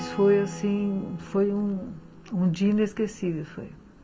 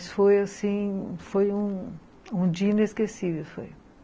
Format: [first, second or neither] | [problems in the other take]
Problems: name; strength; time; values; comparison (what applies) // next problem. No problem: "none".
second | background sound (Acoustic guitar / Strum); 16 dB below the speech // room echo; dies away in 1.5 s